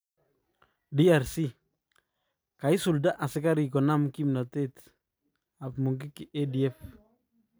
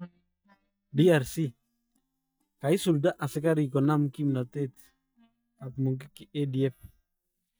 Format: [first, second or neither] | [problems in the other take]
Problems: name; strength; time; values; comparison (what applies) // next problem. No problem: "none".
first | noise reduction (neural mask model DeepFilterNet 3)